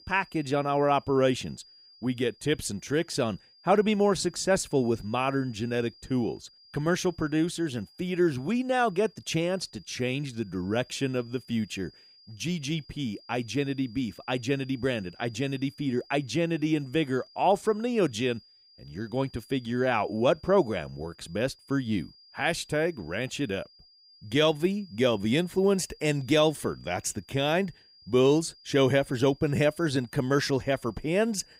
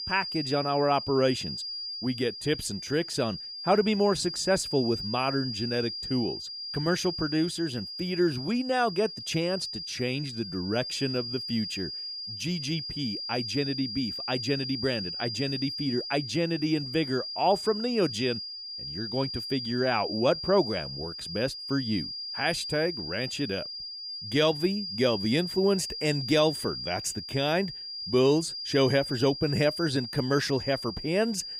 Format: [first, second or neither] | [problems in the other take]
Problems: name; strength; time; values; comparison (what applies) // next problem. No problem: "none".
first | high-pitched whine; loud; throughout; 5 kHz, 6 dB below the speech; faint in the first